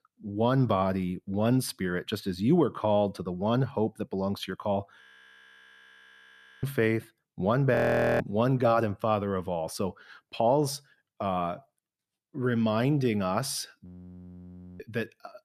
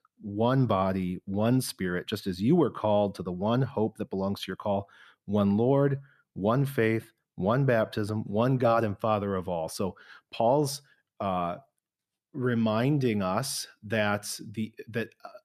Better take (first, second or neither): second